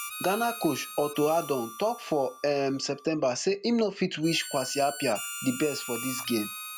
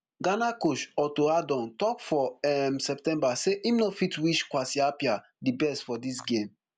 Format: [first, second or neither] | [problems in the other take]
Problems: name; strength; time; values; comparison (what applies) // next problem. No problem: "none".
second | background sound (Harmonica); 12 dB below the speech